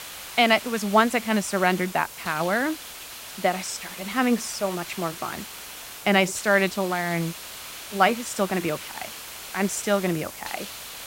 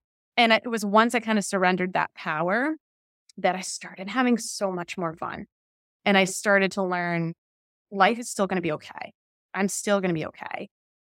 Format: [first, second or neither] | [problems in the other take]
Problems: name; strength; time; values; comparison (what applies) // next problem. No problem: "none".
second | hiss; noticeable; throughout; 10 dB below the speech